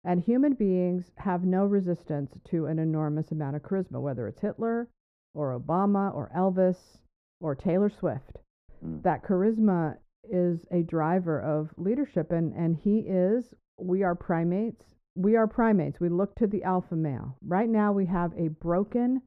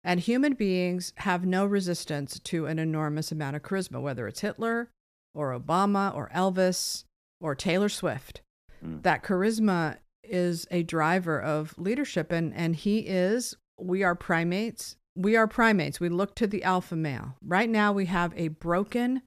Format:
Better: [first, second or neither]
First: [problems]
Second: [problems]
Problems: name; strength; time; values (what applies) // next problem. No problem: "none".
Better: second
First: muffled; very; fading above 2 kHz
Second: none